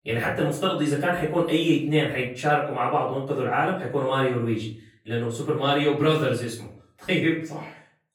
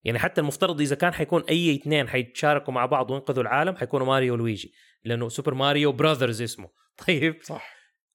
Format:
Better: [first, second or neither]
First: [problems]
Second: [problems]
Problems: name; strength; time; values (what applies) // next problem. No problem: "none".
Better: second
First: off-mic speech; far // room echo; slight; dies away in 0.4 s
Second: none